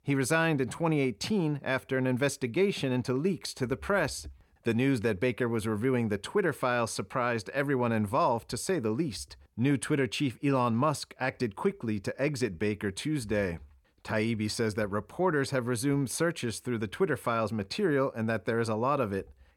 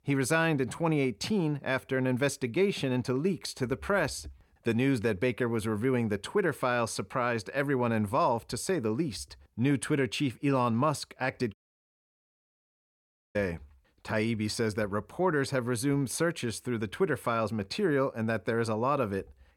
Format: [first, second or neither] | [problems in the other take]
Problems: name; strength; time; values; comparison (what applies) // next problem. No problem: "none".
first | audio cutting out; at 12 s for 2 s